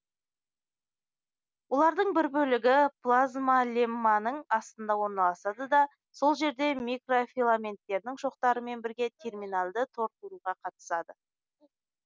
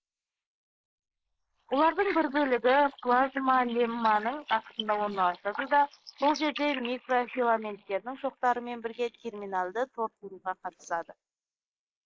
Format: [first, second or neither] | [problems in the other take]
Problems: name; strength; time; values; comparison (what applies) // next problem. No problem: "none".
first | noise reduction (neural mask model Resemble Enhance denoiser)